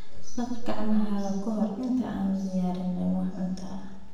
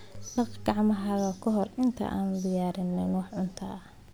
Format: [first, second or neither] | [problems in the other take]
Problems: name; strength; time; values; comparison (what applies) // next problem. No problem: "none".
second | room echo; dies away in 1 s